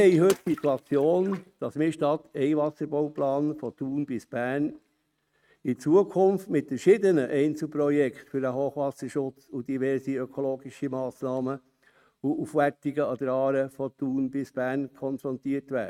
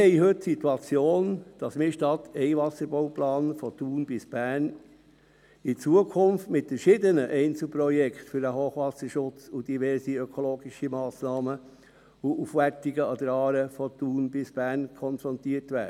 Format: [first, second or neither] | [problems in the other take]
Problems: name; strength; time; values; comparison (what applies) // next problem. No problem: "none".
second | noise reduction (neural mask model RNNoise)